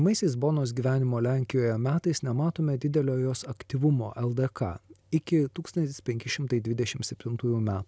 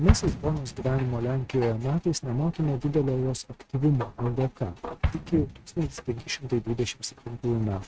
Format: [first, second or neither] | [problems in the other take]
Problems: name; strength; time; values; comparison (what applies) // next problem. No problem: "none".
first | noise reduction (neural mask model RNNoise)